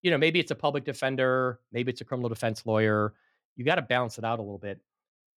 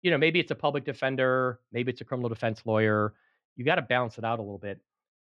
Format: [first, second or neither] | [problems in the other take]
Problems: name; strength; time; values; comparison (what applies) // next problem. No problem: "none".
first | muffled; very slightly; fading above 3 kHz